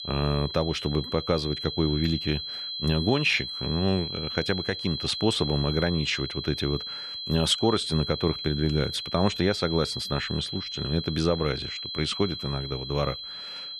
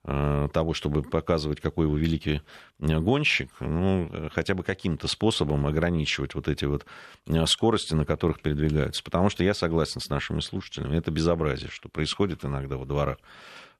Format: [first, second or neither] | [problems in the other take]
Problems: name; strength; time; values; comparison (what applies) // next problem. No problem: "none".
second | high-pitched whine; loud; throughout; 4 kHz, 5 dB below the speech